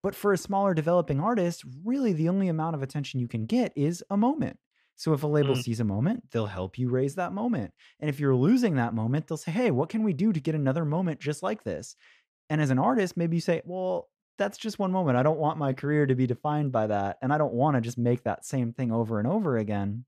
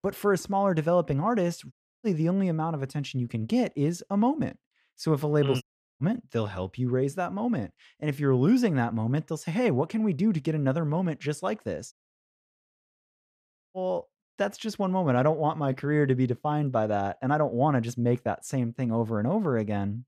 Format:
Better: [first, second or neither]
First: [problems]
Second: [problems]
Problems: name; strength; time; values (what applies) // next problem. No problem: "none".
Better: first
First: none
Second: audio cutting out; at 1.5 s, at 5.5 s and at 12 s for 2 s